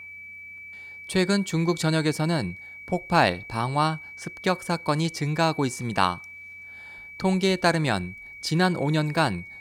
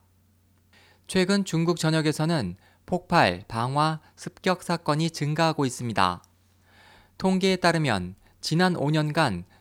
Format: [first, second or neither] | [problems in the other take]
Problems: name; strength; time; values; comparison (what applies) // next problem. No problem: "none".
second | high-pitched whine; noticeable; throughout; 2.5 kHz, 15 dB below the speech